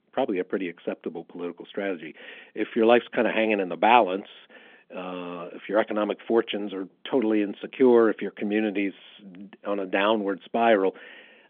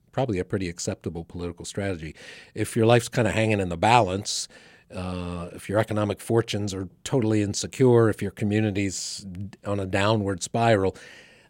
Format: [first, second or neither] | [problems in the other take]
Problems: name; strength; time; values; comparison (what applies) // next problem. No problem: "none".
second | phone-call audio; nothing above 3.5 kHz